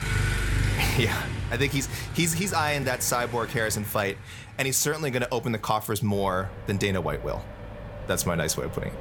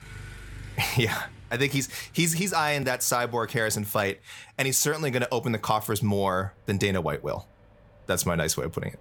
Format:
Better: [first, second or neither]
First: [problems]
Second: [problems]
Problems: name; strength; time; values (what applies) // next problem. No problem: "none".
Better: second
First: traffic noise; loud; throughout; 7 dB below the speech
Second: traffic noise; faint; throughout; 25 dB below the speech